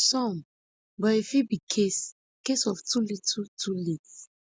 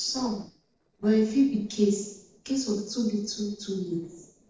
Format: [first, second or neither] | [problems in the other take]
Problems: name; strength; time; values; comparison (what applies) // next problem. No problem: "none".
first | noise reduction (neural separator model SepFormer DNS4)